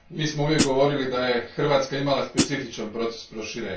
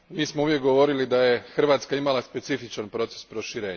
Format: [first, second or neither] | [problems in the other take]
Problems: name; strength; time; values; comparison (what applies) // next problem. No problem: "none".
second | background sound (Hi-hat); as loud as the speech // room echo; dies away in 0.2 s